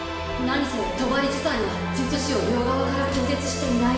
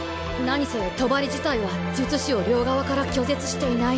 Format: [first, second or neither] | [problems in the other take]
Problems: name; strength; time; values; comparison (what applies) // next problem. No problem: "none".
second | room echo; dies away in 1.2 s